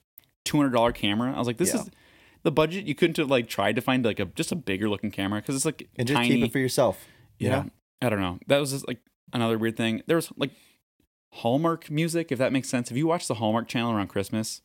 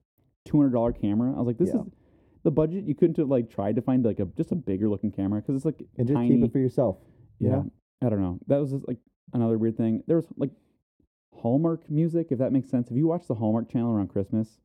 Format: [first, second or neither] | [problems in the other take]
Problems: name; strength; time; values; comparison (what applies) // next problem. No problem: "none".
first | muffled; very; fading above 1 kHz